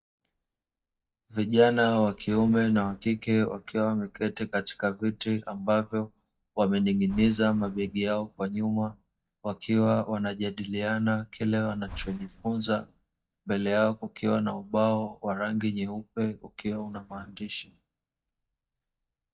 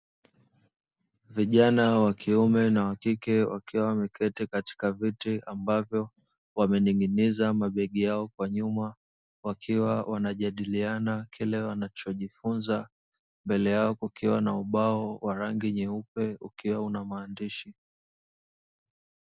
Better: second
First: noise reduction (neural mask model DeepFilterNet 3)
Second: none

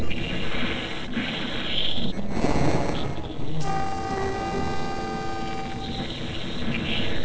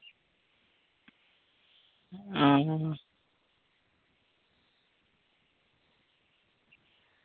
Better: second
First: noise reduction (neural separator model SepFormer DNS4)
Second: none

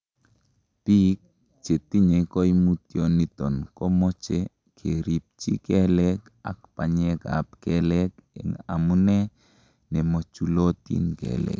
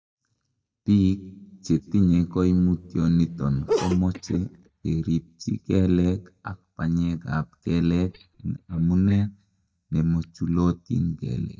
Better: first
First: none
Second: noise reduction (neural mask model DeepFilterNet 3)

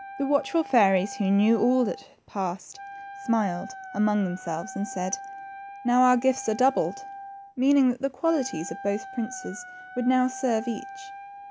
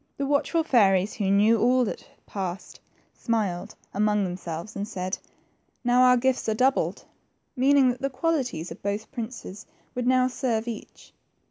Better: second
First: background sound (Wind instrument, woodwind instrument); 15 dB below the speech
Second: none

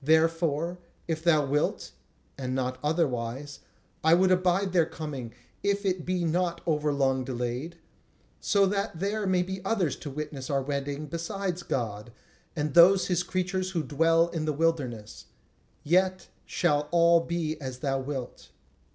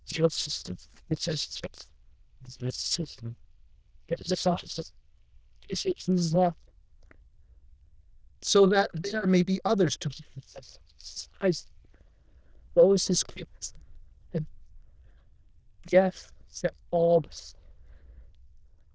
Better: first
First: none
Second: noise reduction (neural diffusion model UNIVERSE++)

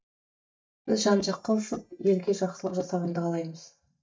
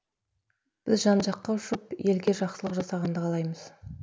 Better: second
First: noise reduction (neural mask model DeepFilterNet 3)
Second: none

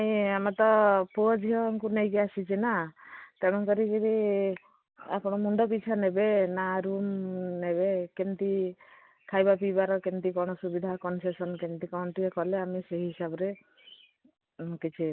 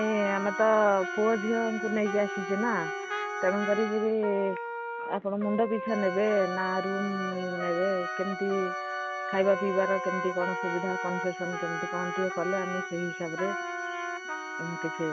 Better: first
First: none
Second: background sound (Trumpet + Organ); 5 dB below the speech

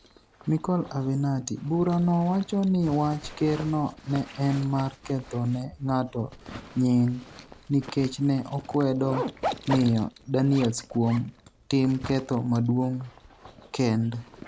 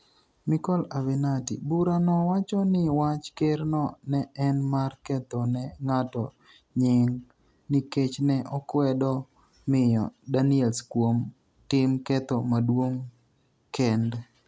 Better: second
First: background sound (Zipper (clothing)); 14 dB below the speech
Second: none

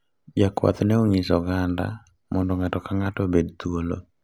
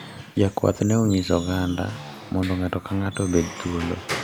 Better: first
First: none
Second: background sound (Squeak / Wood); 12 dB below the speech

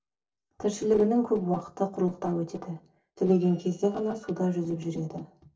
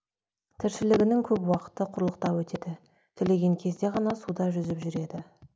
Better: second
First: noise reduction (neural separator model SepFormer DNS4)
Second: none

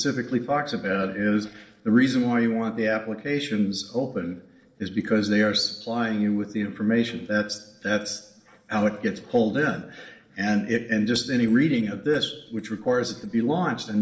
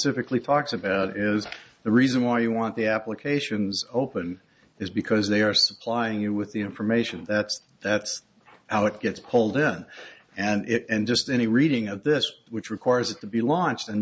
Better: second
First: noise reduction (neural separator model SepFormer DNS4)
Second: none

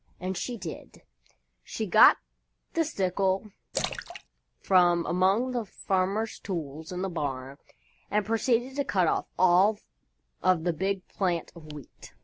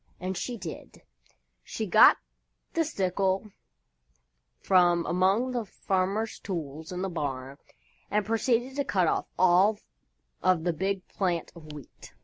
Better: second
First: background sound (Splash, splatter); 11 dB below the speech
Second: none

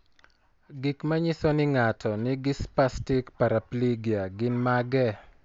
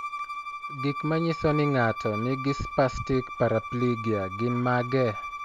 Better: first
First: none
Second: background sound (Bowed string instrument); 8 dB below the speech

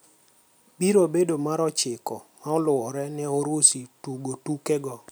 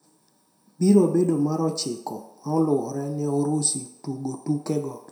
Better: first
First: none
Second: room echo; dies away in 0.6 s

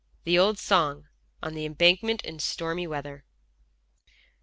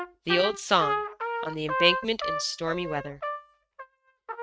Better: first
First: none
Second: noise reduction (neural mask model RNNoise)

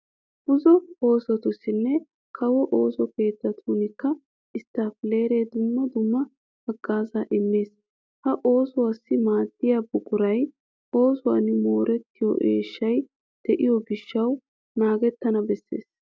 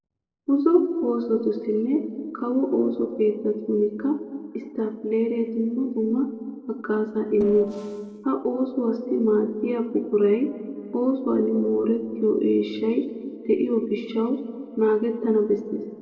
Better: first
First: none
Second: noise reduction (neural separator model SepFormer DNS4)

